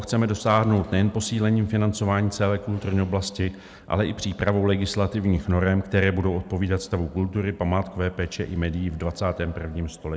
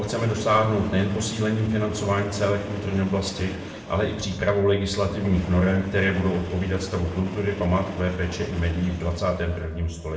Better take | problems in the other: first | background sound (Train); 13 dB below the speech // room echo; dies away in 0.7 s

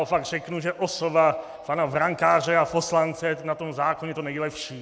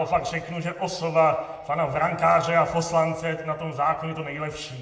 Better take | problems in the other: first | room echo; dies away in 0.9 s

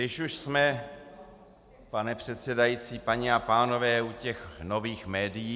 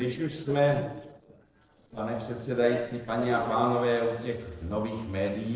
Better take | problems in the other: first | noise reduction (neural separator model SepFormer DNS4)

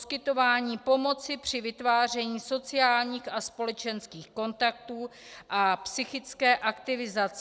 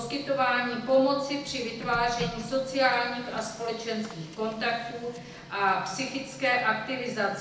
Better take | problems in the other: first | background sound (Printer); 16 dB below the speech // room echo; dies away in 0.9 s

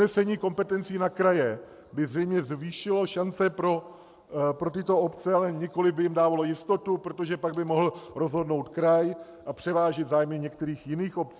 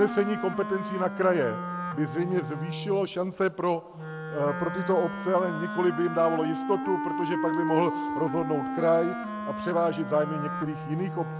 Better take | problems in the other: first | background sound (Wind instrument, woodwind instrument); 5 dB below the speech

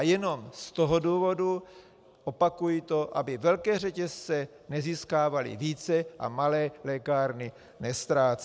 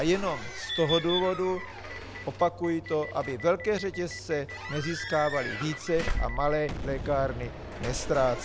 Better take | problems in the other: first | background sound (Boom + Squeak / Slam / Alarm / Wood); 6 dB below the speech

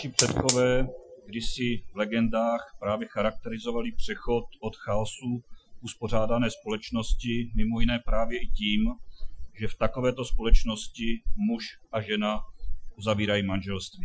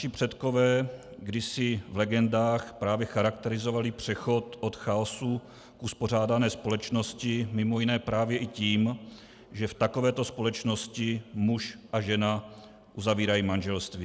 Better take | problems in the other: second | noise reduction (classical method Wiener filter)

